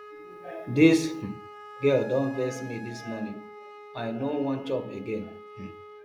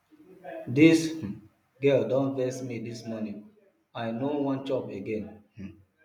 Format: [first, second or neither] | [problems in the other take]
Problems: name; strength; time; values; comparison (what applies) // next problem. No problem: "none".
second | background sound (Wind instrument, woodwind instrument); 16 dB below the speech